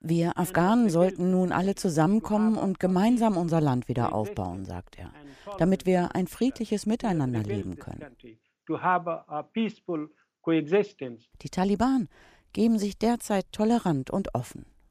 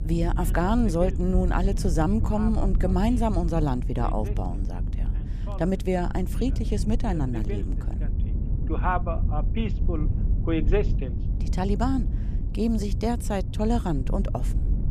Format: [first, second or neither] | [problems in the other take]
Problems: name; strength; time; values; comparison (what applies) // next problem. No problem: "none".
first | low rumble; noticeable; throughout; 15 dB below the speech